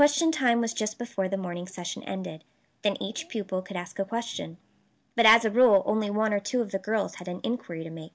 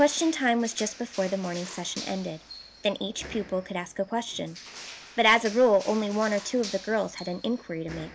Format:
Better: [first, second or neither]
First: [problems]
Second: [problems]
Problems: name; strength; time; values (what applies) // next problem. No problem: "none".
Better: first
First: none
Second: background sound (Crushing); 16 dB below the speech